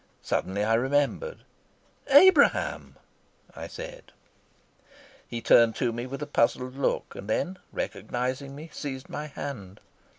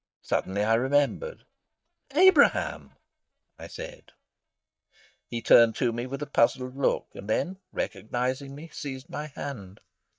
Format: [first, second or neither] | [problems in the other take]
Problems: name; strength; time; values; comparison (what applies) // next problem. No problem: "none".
first | noise reduction (neural mask model DeepFilterNet 3)